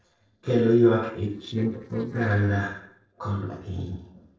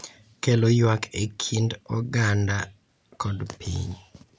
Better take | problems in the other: second | noise reduction (neural separator model SepFormer DNS4)

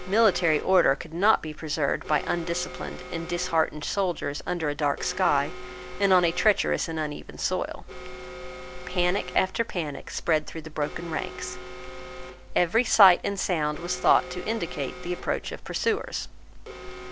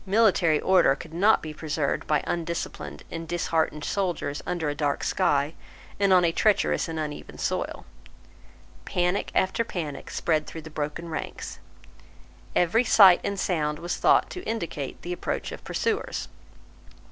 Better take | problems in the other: second | background sound (Alarm); 16 dB below the speech

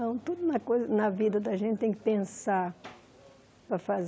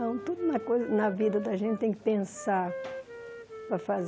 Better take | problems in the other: first | background sound (Wind instrument, woodwind instrument); 12 dB below the speech

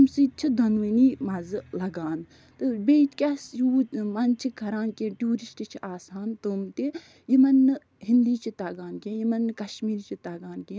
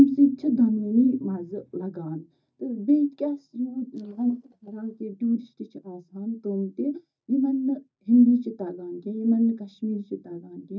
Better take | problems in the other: first | noise reduction (neural mask model DeepFilterNet 3)

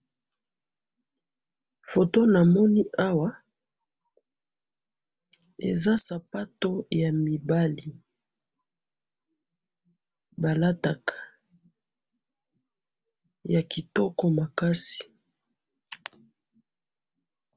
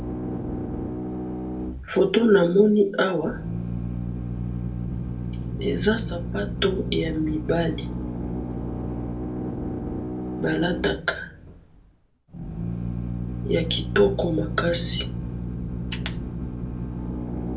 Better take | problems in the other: first | background sound (Drill); 3 dB below the speech // room echo; dies away in 0.2 s

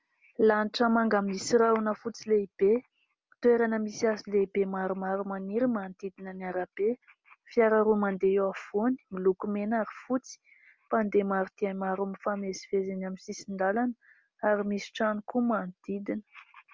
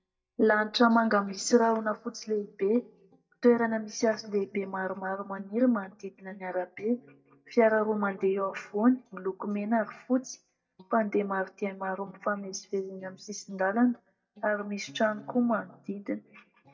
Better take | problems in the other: first | noise reduction (neural mask model DeepFilterNet 3)

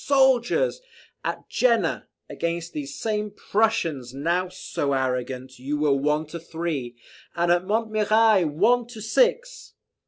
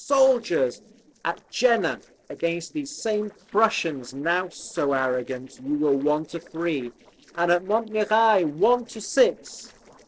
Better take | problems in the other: first | noise reduction (neural separator model SepFormer DNS4)

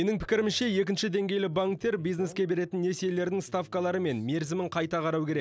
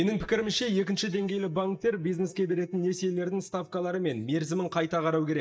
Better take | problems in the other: first | noise reduction (neural mask model DeepFilterNet 3)

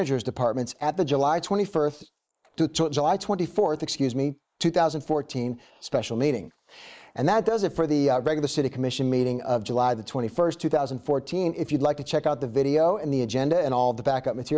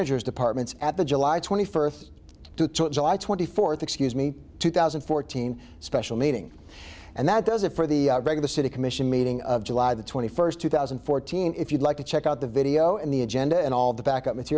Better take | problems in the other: second | noise reduction (neural mask model Resemble Enhance denoiser)

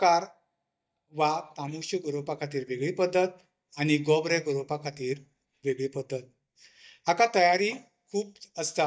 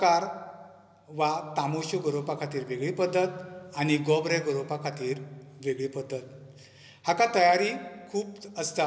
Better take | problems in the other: second | noise reduction (neural mask model DeepFilterNet 3)

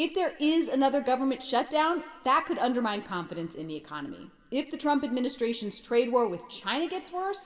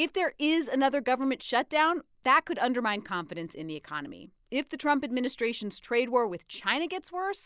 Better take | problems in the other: second | room echo; dies away in 2.5 s

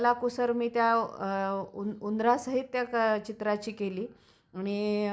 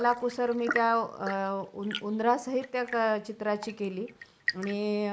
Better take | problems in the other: first | noise reduction (neural mask model Resemble Enhance denoiser)

